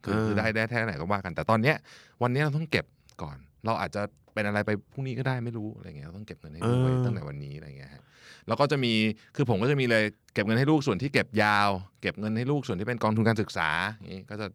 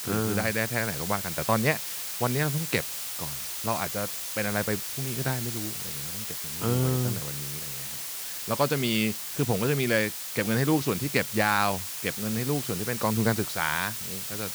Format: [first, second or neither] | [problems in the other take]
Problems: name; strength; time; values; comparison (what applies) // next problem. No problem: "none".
first | hiss; loud; throughout; 4 dB below the speech